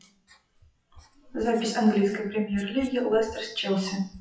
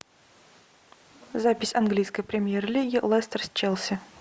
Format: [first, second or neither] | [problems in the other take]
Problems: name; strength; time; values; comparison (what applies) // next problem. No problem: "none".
second | noise reduction (classical method WPE with log-MMSE)